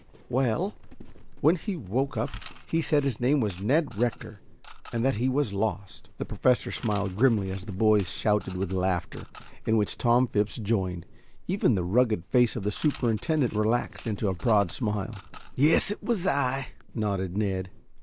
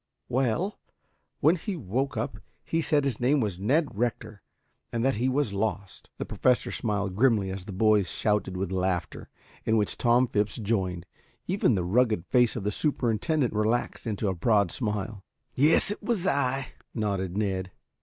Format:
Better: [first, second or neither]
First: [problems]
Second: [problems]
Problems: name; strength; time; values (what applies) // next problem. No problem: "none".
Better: second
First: background sound (Coin (dropping) / Mechanisms + Livestock, farm animals, working animals); 16 dB below the speech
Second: none